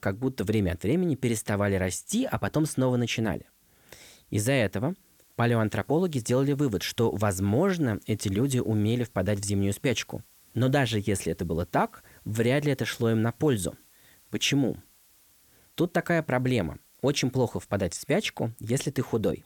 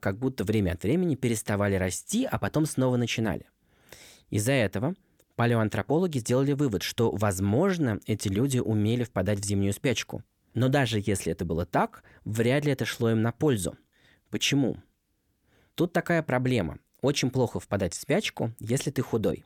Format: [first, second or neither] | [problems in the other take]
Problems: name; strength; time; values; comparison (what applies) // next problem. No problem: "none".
second | hiss; faint; throughout; 30 dB below the speech